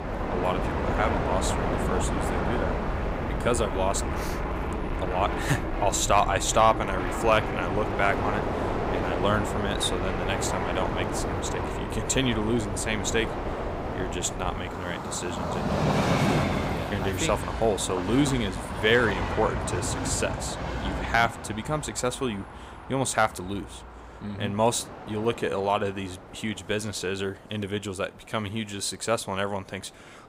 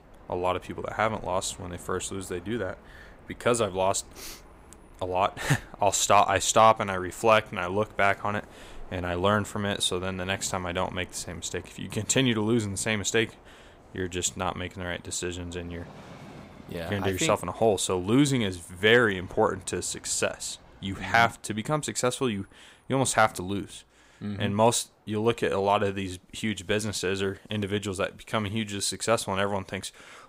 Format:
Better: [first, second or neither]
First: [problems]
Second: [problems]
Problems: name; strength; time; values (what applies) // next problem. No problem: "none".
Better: second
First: train or aircraft noise; loud; throughout; 2 dB below the speech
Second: train or aircraft noise; faint; throughout; 25 dB below the speech